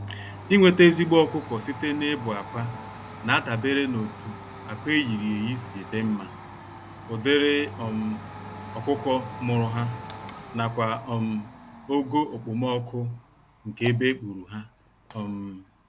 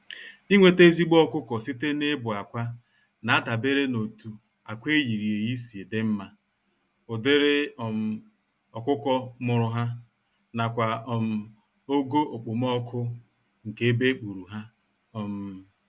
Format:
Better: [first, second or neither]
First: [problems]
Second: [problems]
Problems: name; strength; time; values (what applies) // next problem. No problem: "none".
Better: second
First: background sound (Domestic sounds, home sounds); 15 dB below the speech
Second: none